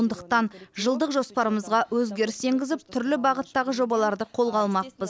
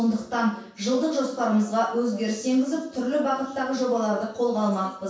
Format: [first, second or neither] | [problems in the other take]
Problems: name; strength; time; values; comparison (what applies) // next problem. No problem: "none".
first | room echo; dies away in 0.7 s